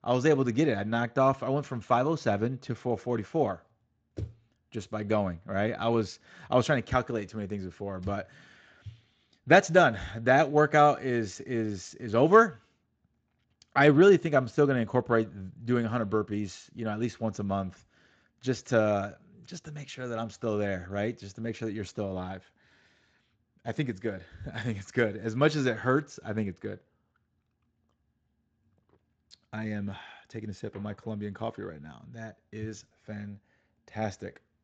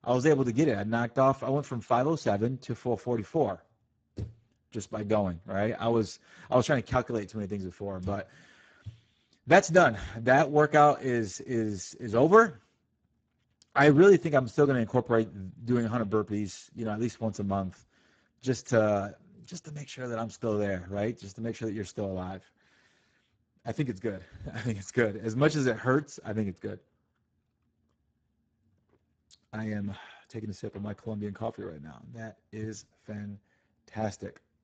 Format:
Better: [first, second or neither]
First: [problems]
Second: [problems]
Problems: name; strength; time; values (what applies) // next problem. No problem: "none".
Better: first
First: garbled, watery; slightly; nothing above 7.5 kHz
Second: garbled, watery; badly; nothing above 7.5 kHz